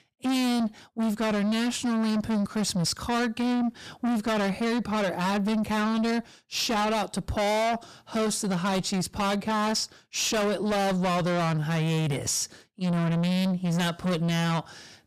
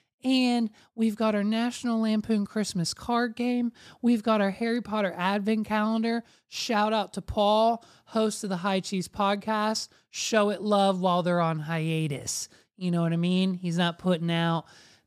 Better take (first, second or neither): second